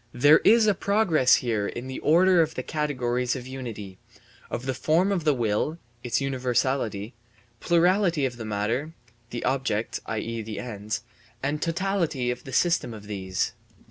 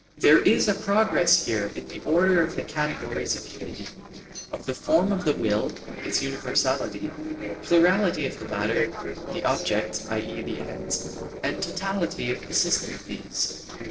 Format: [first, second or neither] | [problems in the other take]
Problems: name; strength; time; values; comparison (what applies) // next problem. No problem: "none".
first | noise reduction (neural separator model SepFormer DNS4)